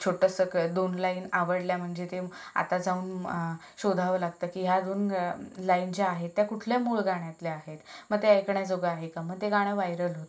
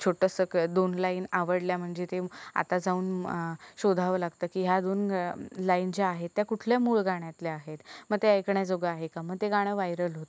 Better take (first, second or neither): second